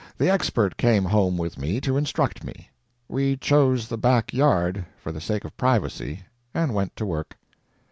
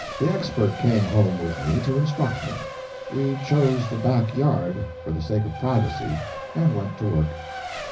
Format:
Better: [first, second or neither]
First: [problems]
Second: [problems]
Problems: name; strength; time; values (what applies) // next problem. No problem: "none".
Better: first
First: none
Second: background sound (Race car, auto racing); 11 dB below the speech // room echo; dies away in 0.4 s